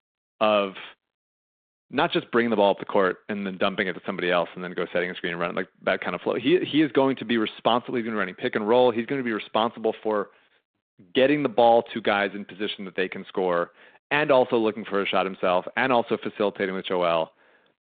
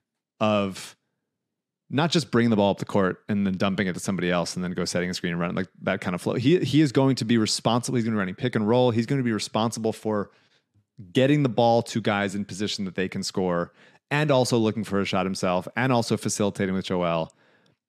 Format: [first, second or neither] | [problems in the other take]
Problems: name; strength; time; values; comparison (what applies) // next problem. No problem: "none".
second | phone-call audio; nothing above 3.5 kHz